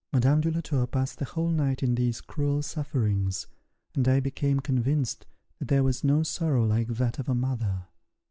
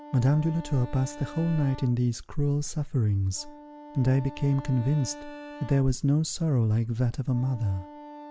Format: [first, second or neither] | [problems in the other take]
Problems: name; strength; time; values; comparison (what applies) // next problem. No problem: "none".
first | background sound (Wind instrument, woodwind instrument); 18 dB below the speech